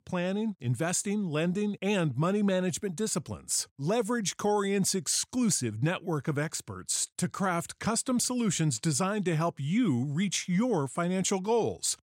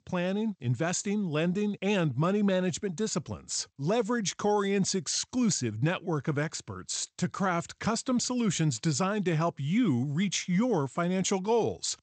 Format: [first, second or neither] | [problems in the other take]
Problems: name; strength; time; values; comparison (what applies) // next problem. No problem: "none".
first | garbled, watery; slightly; nothing above 8 kHz